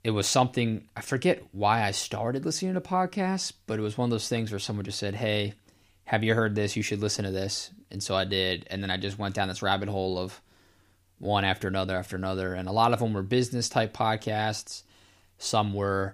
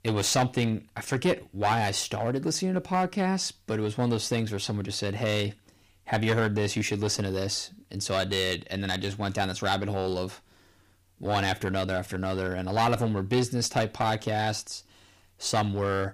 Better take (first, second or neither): first